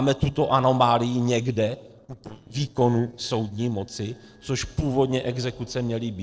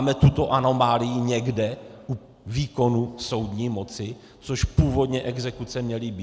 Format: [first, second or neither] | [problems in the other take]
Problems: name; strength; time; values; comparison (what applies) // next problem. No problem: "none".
second | noise reduction (neural separator model SepFormer DNS4)